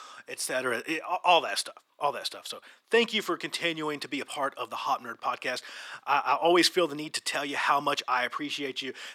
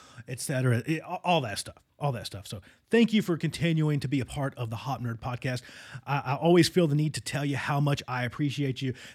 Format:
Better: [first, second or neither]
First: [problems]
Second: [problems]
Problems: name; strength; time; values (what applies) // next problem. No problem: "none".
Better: second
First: thin; very; fading below 350 Hz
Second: none